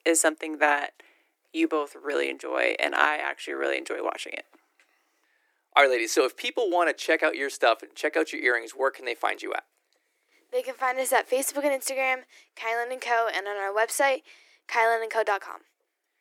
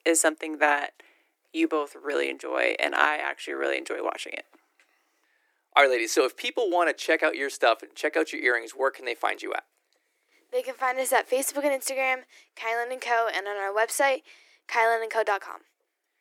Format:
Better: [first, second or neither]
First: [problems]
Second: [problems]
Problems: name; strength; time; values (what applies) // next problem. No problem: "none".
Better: neither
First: thin; very; fading below 300 Hz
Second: thin; very; fading below 300 Hz